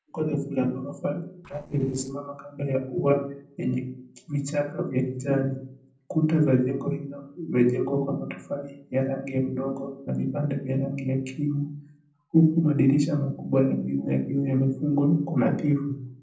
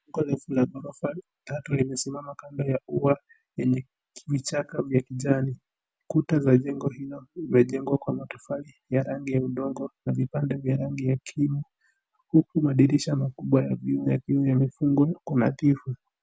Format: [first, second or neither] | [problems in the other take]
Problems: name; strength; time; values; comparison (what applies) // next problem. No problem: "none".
second | noise reduction (neural separator model SepFormer DNS4)